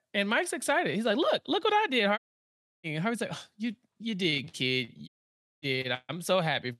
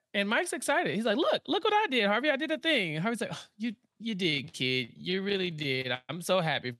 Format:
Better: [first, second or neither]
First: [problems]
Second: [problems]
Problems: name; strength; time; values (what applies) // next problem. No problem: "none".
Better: second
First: audio cutting out; at 2 s for 0.5 s and at 5 s for 0.5 s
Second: none